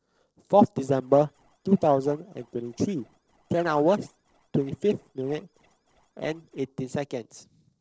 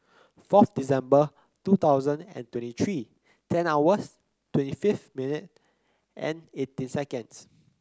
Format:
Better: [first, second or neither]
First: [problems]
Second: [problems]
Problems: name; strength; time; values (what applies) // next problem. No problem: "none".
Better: second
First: noise reduction (neural separator model SepFormer DNS4)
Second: none